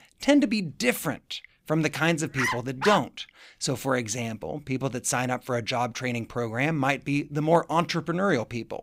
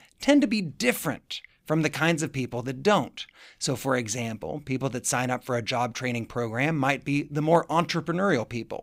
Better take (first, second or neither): second